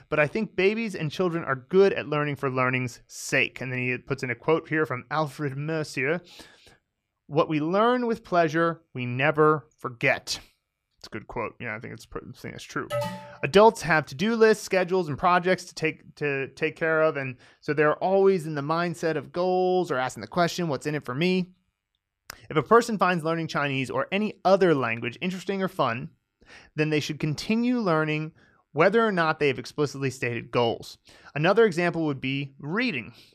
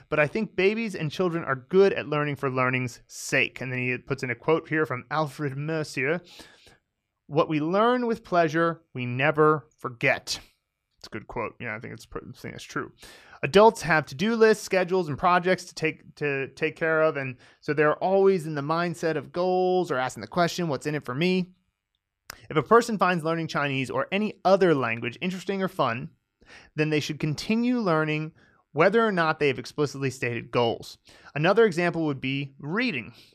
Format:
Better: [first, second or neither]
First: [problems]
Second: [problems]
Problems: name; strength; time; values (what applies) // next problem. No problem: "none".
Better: second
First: alarm; noticeable; at 13 s; peak 6 dB below the speech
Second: none